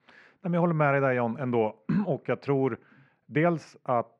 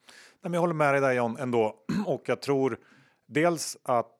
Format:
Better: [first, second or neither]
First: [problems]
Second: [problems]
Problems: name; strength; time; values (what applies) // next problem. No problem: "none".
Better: second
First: muffled; very; fading above 2 kHz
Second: none